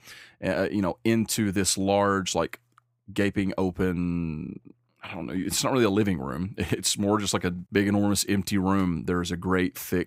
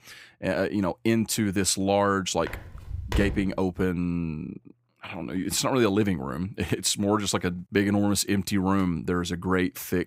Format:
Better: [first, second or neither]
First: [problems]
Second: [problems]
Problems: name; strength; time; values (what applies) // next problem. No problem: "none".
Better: first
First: none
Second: footsteps; noticeable; at 2.5 s; peak 5 dB below the speech